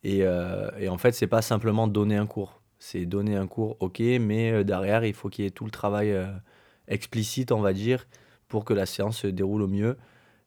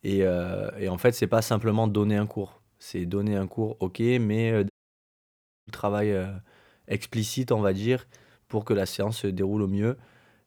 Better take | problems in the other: first | audio cutting out; at 4.5 s for 1 s

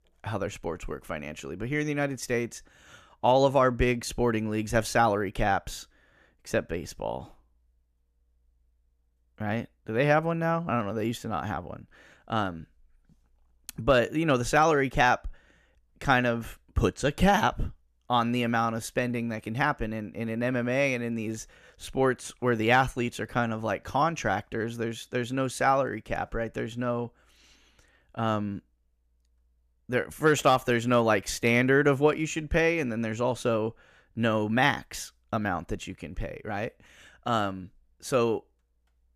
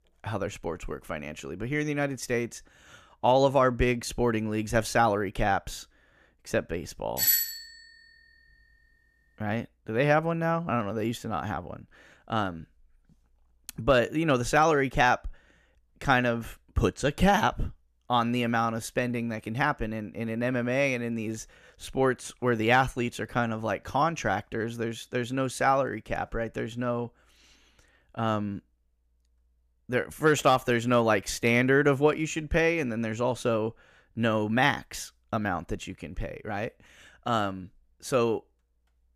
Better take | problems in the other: first | doorbell; loud; at 7 s; peak 5 dB above the speech

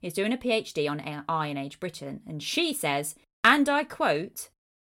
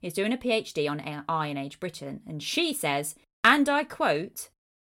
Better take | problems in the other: neither | none

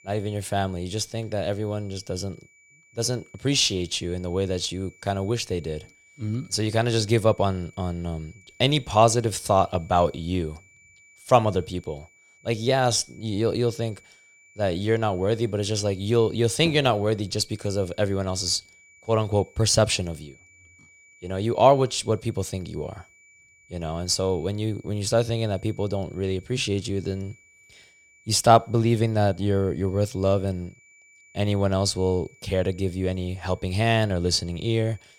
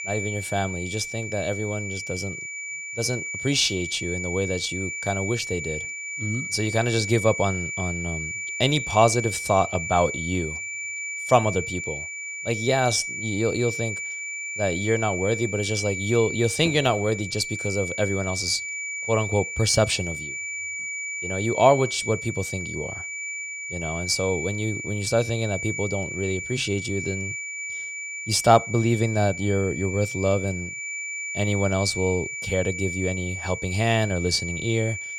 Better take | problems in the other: first | high-pitched whine; loud; throughout; 2.5 kHz, 5 dB below the speech; faint in the first

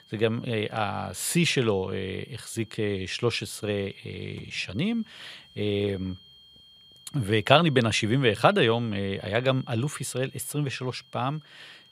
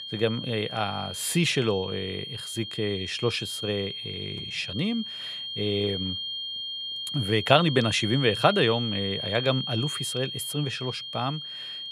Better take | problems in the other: first | high-pitched whine; loud; throughout; 3 kHz, 5 dB below the speech; faint in the first

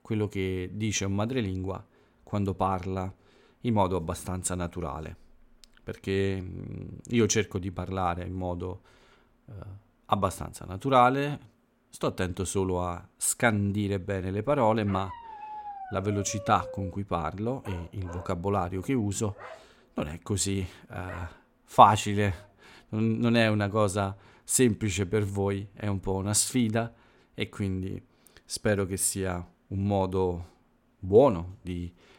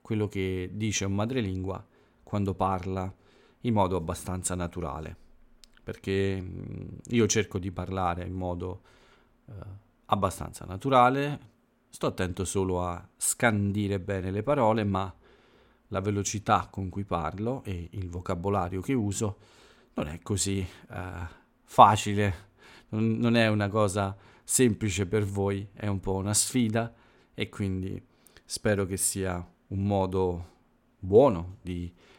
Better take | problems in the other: second | dog barking; faint; from 15 to 22 s; peak 10 dB below the speech

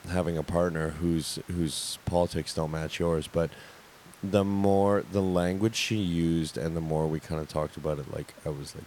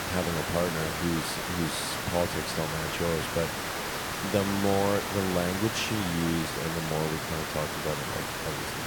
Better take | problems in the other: first | hiss; loud; throughout; 1 dB below the speech; faint in the first

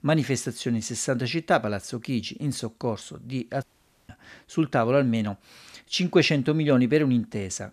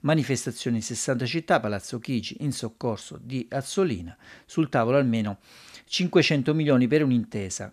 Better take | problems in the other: second | audio cutting out; at 3.5 s

